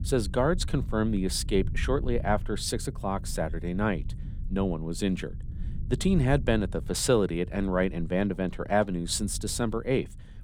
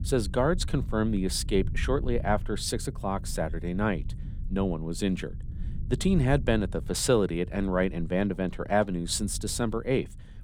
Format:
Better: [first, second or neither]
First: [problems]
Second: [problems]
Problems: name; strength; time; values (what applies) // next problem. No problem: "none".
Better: neither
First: low rumble; faint; throughout; 20 dB below the speech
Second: low rumble; faint; throughout; 20 dB below the speech